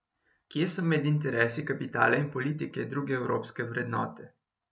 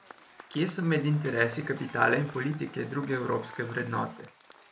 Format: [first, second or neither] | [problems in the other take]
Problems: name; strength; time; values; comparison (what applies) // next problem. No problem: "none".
first | background sound (Applause / Crowd / Cheering); 19 dB below the speech